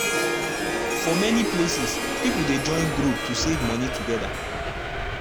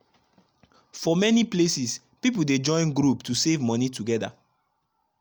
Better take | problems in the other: second | background sound (Subway, metro, underground + Harp); 1 dB above the speech

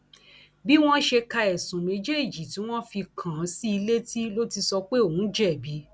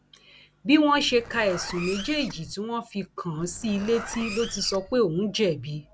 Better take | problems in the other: first | background sound (Zipper (clothing)); 14 dB below the speech

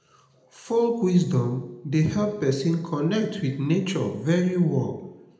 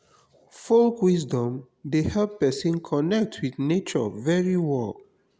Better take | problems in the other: second | room echo; dies away in 0.7 s

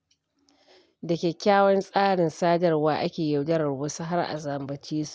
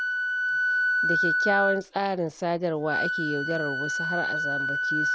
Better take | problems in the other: first | background sound (Wind instrument, woodwind instrument); 3 dB above the speech

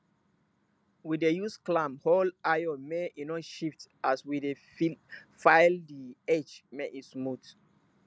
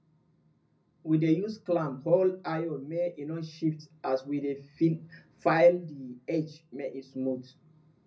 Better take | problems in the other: first | room echo; dies away in 0.4 s

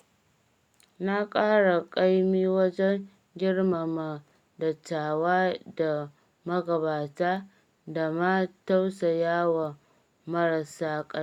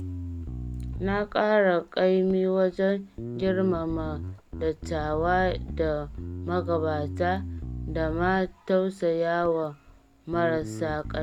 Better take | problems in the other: first | background sound (Bass guitar); 9 dB below the speech

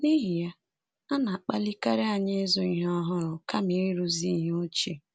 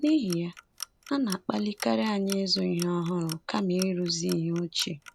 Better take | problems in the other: first | background sound (Clock); 15 dB below the speech

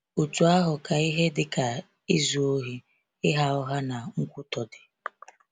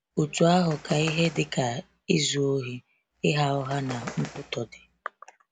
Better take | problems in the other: first | background sound (Bird); 17 dB below the speech

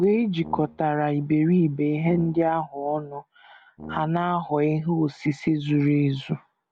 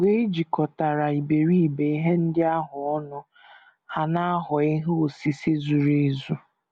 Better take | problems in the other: second | background sound (Brass instrument); 19 dB below the speech

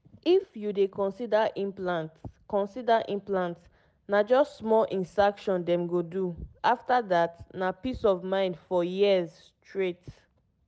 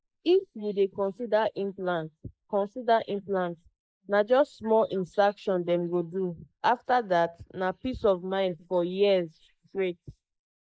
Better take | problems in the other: first | noise reduction (neural mask model Resemble Enhance denoiser)

